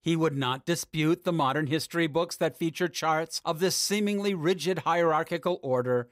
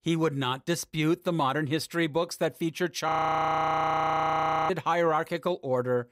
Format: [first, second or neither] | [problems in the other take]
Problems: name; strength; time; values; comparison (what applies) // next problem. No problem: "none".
first | audio freezing; at 3 s for 1.5 s